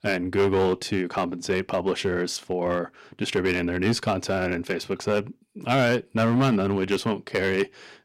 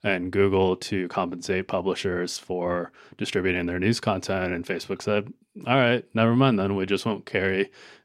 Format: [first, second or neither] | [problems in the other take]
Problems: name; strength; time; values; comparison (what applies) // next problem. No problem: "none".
second | distortion; slight; 5% of the sound clipped